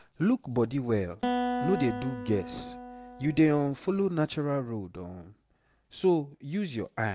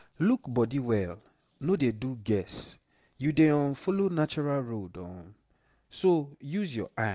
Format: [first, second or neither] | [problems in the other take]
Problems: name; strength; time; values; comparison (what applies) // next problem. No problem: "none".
second | background sound (Acoustic guitar); 6 dB below the speech